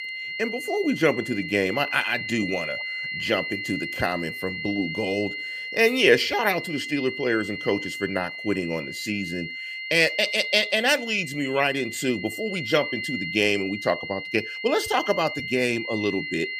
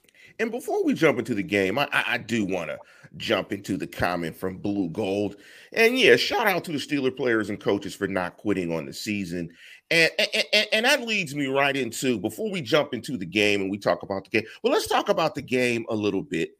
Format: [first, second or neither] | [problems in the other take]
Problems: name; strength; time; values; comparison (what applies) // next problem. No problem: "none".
second | high-pitched whine; loud; throughout; 2 kHz, 6 dB below the speech